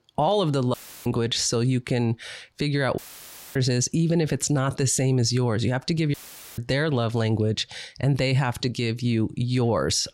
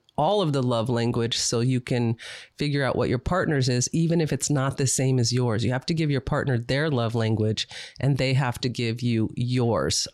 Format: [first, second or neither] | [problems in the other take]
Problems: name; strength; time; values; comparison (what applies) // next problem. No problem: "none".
second | audio cutting out; filled with static; at 0.5 s, at 3 s for 0.5 s and at 6 s